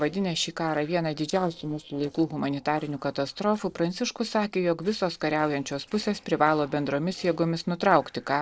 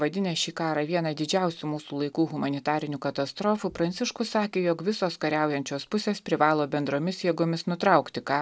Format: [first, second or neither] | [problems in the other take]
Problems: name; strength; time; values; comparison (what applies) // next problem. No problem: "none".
second | noise reduction (neural separator model SepFormer DNS4)